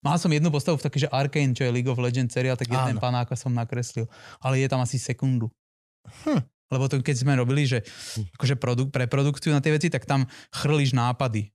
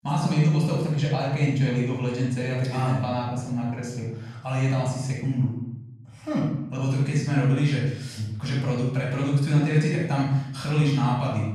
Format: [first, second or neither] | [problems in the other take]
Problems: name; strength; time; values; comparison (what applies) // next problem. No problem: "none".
first | off-mic speech; far // room echo; noticeable; dies away in 0.8 s